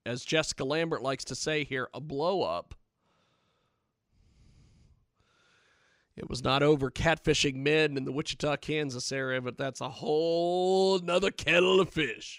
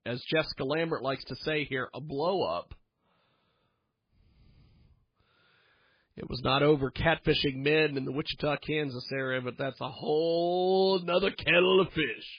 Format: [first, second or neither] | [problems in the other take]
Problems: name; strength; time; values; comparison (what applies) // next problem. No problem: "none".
first | garbled, watery; badly; nothing above 5 kHz